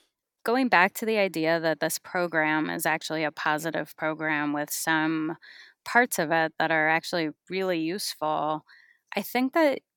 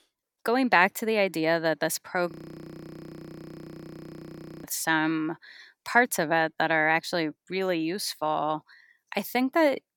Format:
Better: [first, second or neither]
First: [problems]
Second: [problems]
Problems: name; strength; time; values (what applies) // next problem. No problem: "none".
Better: first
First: none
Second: audio freezing; at 2.5 s for 2.5 s